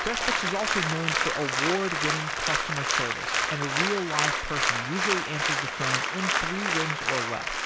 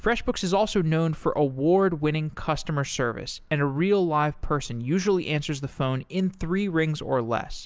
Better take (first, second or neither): second